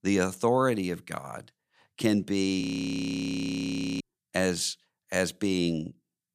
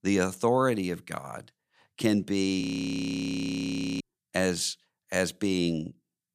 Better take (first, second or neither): neither